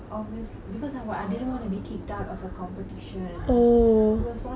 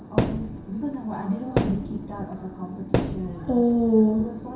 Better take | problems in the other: first | background sound (Thump, thud); 4 dB below the speech // room echo; dies away in 0.7 s

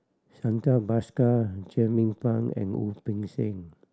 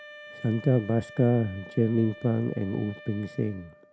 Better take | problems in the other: first | background sound (Wind instrument, woodwind instrument); 19 dB below the speech

